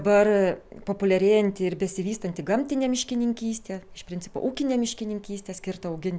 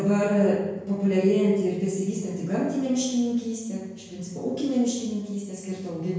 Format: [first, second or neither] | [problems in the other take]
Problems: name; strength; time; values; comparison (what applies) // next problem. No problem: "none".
first | room echo; dies away in 1 s